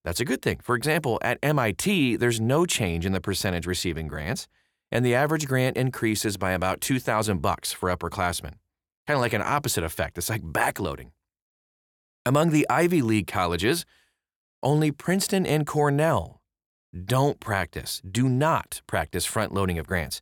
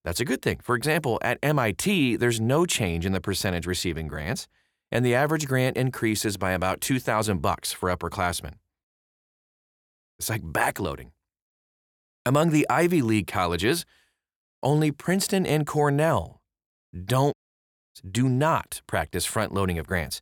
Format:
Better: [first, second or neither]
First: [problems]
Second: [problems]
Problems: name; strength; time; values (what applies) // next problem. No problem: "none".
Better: first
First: none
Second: audio cutting out; at 9 s for 1.5 s and at 17 s for 0.5 s